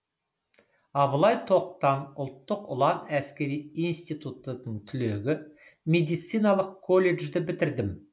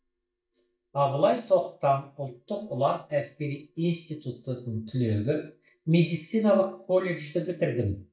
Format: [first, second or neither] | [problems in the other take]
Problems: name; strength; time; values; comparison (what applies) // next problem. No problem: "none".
first | noise reduction (neural mask model DeepFilterNet 3)